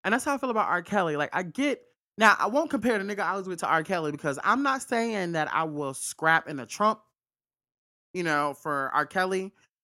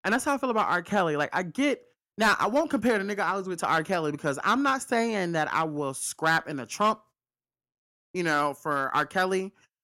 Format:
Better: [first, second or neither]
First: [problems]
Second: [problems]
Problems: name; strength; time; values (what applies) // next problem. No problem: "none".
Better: first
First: none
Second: distortion; slight; 2% of the sound clipped